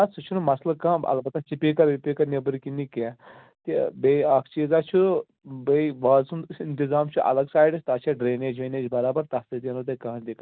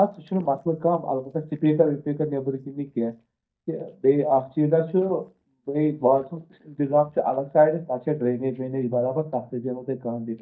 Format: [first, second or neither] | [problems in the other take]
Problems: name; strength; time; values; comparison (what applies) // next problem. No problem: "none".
first | noise reduction (neural mask model DeepFilterNet 3)